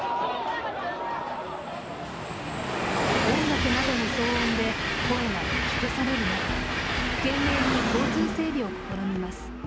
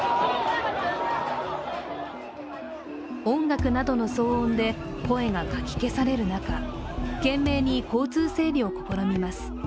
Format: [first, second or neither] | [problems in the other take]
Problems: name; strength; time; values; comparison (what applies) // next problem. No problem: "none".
second | background sound (Train); 1 dB above the speech